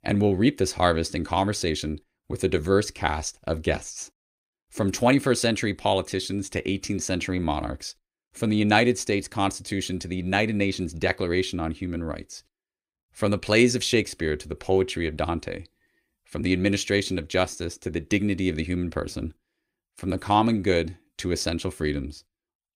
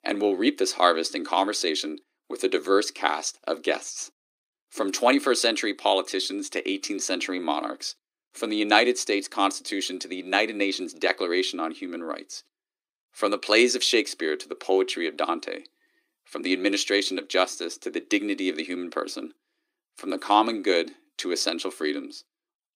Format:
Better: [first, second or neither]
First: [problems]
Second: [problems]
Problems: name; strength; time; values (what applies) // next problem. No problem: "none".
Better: first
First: none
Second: thin; somewhat; fading below 300 Hz